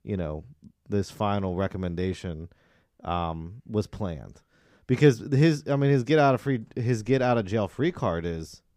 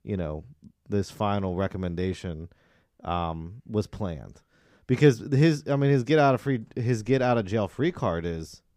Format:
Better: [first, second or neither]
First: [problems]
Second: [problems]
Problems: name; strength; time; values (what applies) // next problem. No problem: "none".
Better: neither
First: none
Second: none